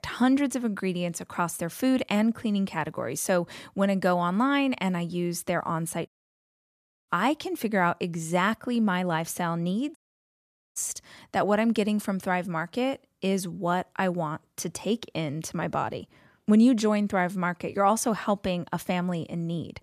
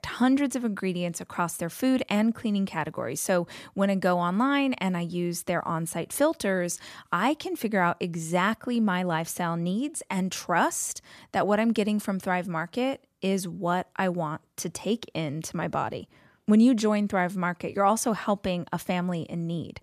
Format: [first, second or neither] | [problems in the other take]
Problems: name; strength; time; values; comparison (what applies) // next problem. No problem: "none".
second | audio cutting out; at 6 s for 1 s and at 10 s for 1 s